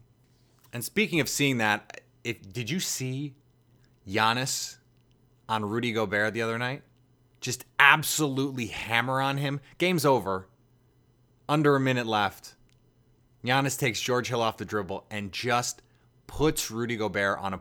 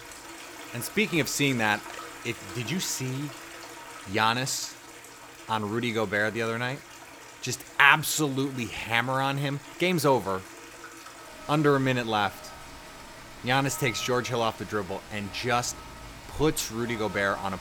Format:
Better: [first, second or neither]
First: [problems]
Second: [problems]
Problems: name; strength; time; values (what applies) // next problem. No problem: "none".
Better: first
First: none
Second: rain or running water; noticeable; throughout; 15 dB below the speech